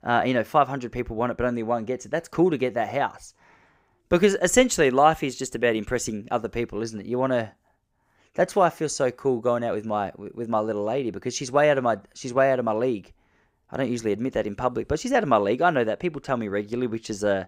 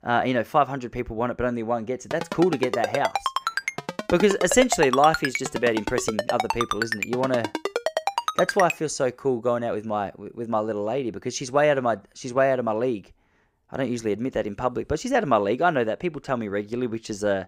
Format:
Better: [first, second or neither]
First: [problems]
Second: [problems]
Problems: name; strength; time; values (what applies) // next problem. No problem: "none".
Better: first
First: none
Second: phone ringing; noticeable; from 2 to 8.5 s; peak 2 dB below the speech